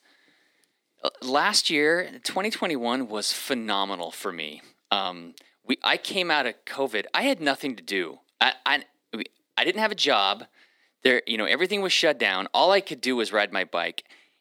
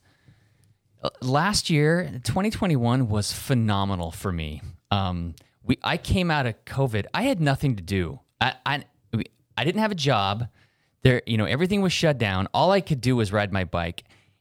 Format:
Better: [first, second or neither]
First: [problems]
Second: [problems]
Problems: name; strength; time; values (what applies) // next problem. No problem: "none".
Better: second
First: thin; somewhat; fading below 250 Hz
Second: none